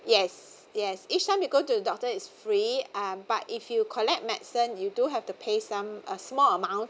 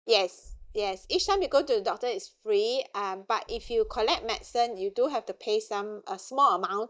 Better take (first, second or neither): first